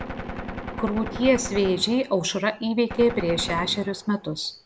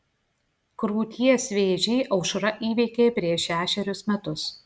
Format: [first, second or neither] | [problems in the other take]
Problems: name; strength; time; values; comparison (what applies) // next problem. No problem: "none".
second | background sound (Gunshot, gunfire); 11 dB below the speech